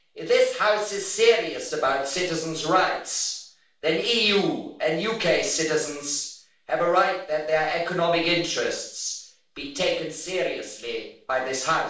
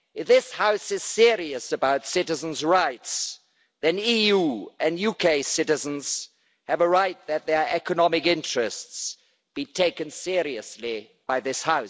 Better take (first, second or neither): second